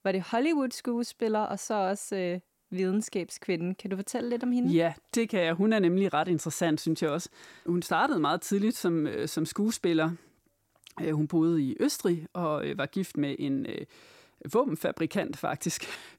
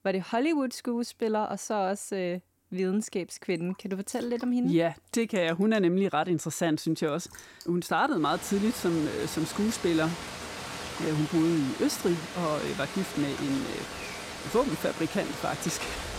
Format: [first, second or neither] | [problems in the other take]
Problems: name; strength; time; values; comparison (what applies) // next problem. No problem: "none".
first | rain or running water; loud; throughout; 9 dB below the speech